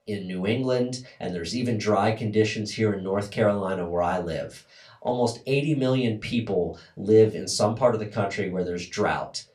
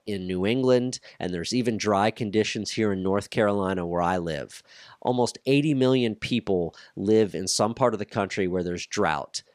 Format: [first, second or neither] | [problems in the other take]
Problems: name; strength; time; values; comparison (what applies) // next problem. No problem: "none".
second | off-mic speech; somewhat distant // room echo; very slight; dies away in 0.2 s